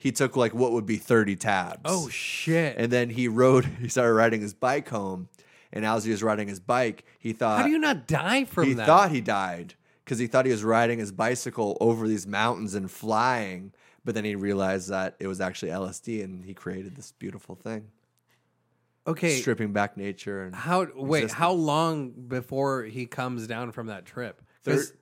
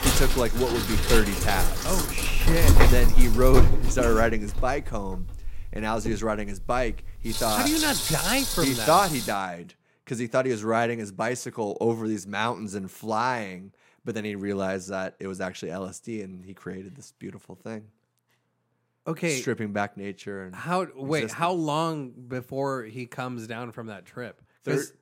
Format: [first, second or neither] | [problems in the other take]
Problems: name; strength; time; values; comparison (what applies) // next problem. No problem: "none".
first | household noises; very loud; until 9.5 s; 2 dB above the speech